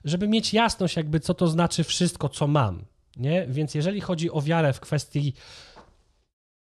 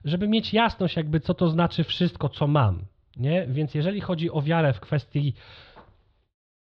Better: first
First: none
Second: muffled; slightly; fading above 4 kHz

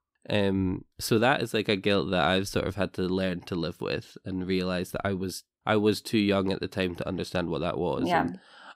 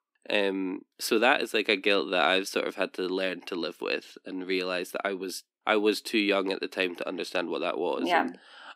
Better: first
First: none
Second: thin; very slightly; fading below 250 Hz

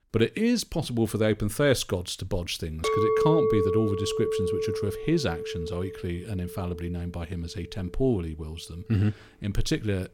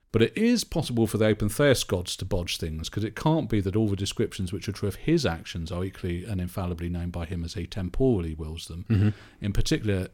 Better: second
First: clattering dishes; loud; from 3 to 7 s; peak 6 dB above the speech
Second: none

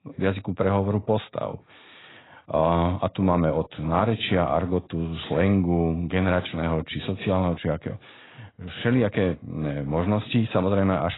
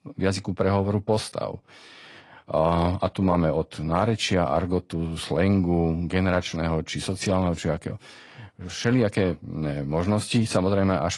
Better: second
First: garbled, watery; badly; nothing above 4 kHz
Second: garbled, watery; slightly; nothing above 10.5 kHz

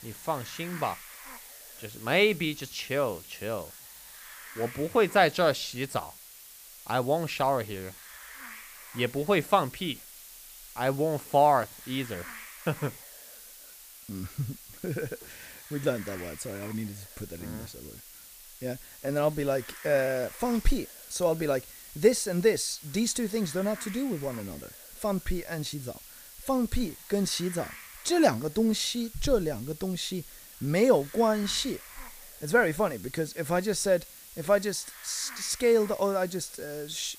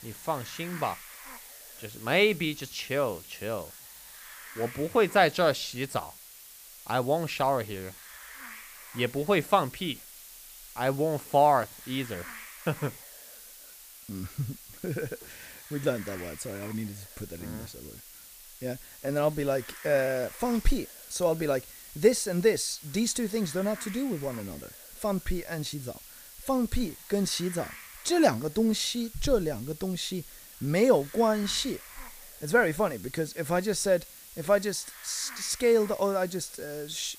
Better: neither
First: hiss; noticeable; throughout; 15 dB below the speech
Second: hiss; noticeable; throughout; 15 dB below the speech

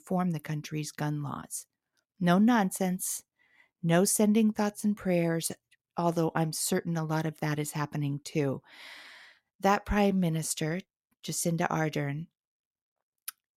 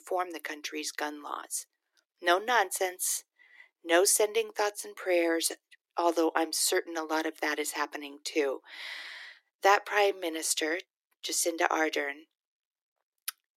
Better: first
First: none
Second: thin; very; fading below 300 Hz

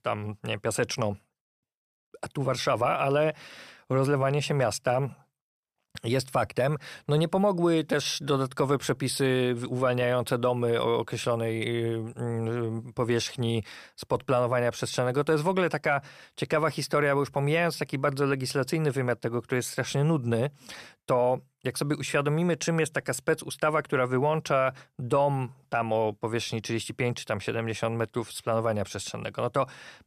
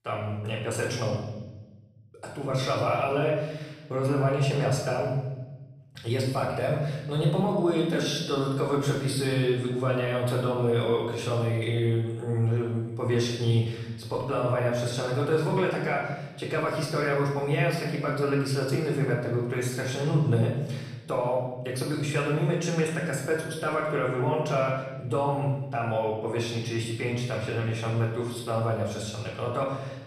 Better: first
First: none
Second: room echo; noticeable; dies away in 1.1 s // off-mic speech; far

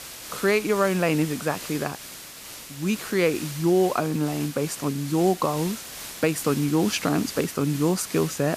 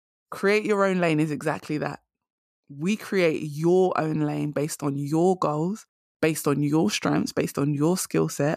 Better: second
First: hiss; noticeable; throughout; 10 dB below the speech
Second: none

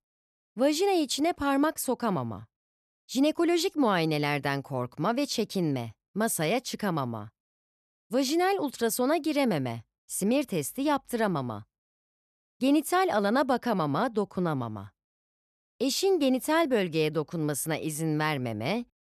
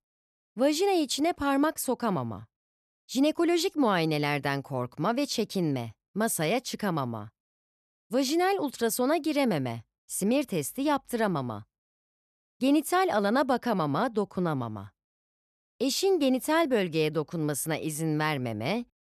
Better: neither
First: none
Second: none

